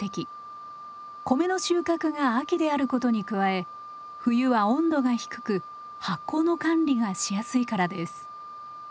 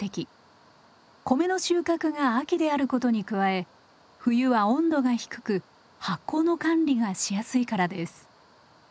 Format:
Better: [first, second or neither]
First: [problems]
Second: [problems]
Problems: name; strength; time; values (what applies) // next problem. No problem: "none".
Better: second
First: background sound (Wind instrument, woodwind instrument); 15 dB below the speech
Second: none